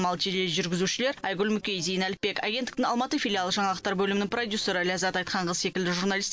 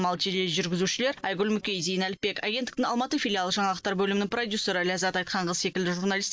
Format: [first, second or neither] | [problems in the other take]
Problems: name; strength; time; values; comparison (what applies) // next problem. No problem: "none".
first | noise reduction (neural mask model DeepFilterNet 3)